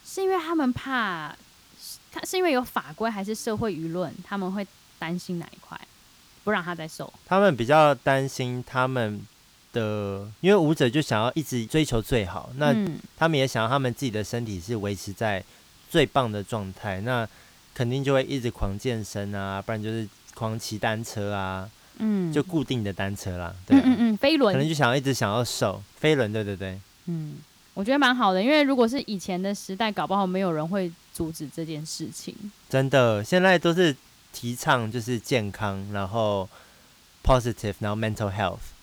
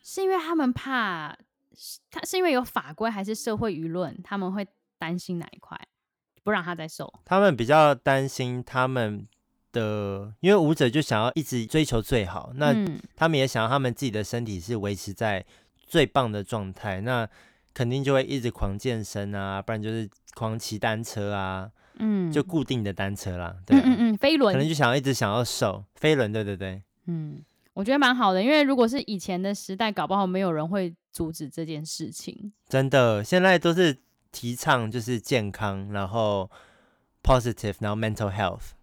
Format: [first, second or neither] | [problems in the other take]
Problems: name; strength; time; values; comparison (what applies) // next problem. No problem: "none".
second | hiss; faint; throughout; 25 dB below the speech